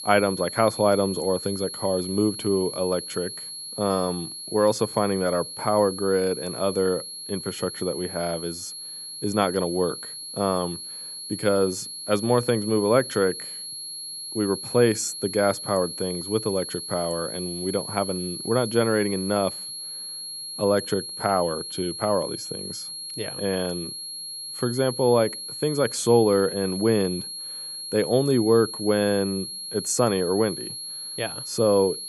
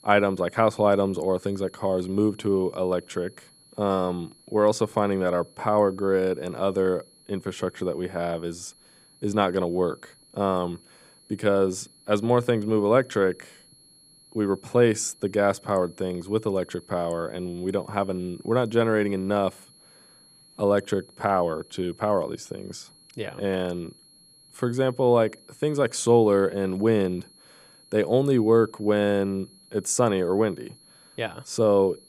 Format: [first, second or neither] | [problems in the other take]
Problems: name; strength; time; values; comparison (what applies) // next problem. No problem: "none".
second | high-pitched whine; loud; throughout; 4.5 kHz, 8 dB below the speech; faint in the second